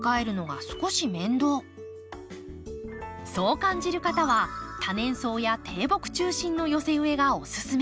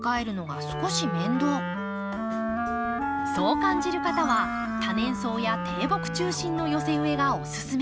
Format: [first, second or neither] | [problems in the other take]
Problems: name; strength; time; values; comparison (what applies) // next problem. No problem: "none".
first | background sound (Wind instrument, woodwind instrument); 1 dB below the speech